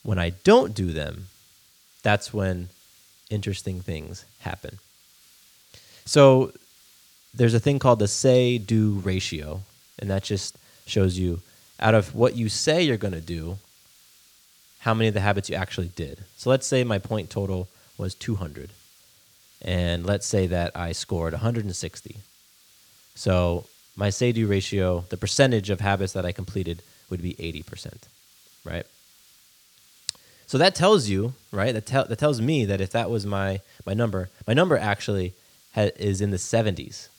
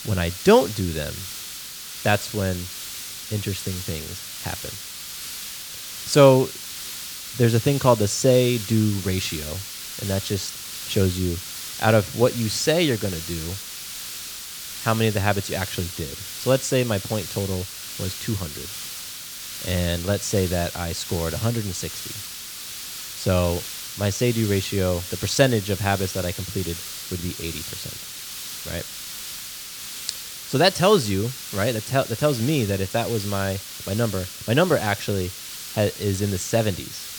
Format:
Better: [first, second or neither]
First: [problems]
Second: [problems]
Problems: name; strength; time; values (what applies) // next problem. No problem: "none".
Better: first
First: hiss; faint; throughout; 30 dB below the speech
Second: hiss; loud; throughout; 9 dB below the speech